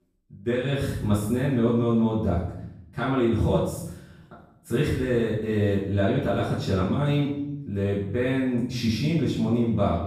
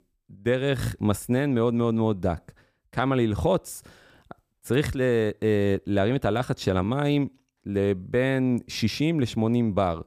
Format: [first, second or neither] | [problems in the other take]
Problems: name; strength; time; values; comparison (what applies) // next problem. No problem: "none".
second | off-mic speech; far // room echo; noticeable; dies away in 0.7 s